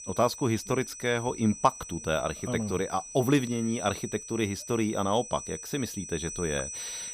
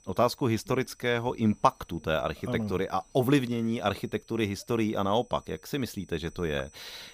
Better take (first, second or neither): second